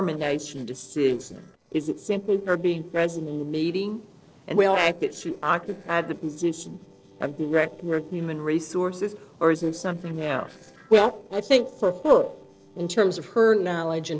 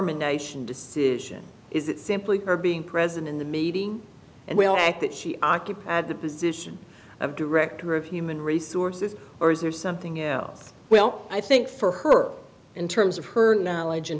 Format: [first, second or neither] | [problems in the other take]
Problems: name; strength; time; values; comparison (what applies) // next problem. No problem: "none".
second | noise reduction (neural separator model SepFormer DNS4)